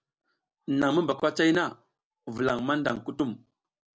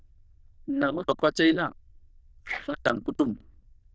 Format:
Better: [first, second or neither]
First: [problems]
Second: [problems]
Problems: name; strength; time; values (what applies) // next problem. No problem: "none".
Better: first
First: none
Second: noise reduction (neural diffusion model UNIVERSE++)